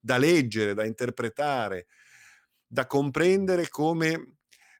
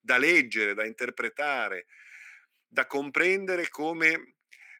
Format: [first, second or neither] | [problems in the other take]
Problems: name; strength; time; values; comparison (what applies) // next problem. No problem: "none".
first | thin; somewhat; fading below 250 Hz